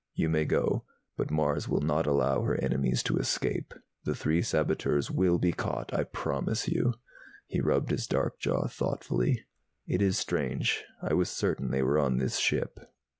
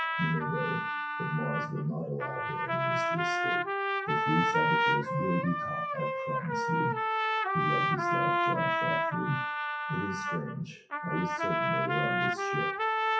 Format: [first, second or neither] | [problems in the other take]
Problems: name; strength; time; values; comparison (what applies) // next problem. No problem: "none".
first | noise reduction (classical method WPE with log-MMSE)